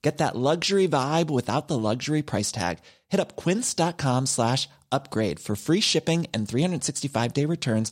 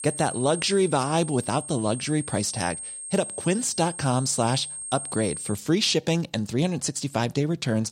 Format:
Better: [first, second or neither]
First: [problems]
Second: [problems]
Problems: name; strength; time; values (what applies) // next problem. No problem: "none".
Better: first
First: none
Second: high-pitched whine; loud; until 5.5 s; 8.5 kHz, 8 dB below the speech